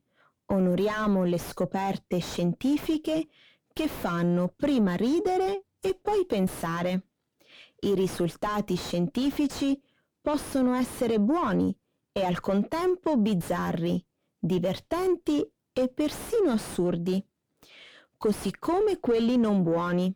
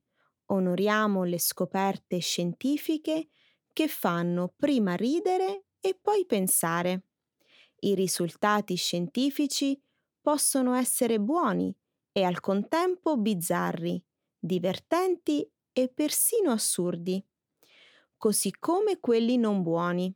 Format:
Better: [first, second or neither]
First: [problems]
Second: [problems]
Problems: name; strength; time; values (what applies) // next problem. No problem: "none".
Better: second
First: distortion; heavy; 6 dB below the speech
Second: none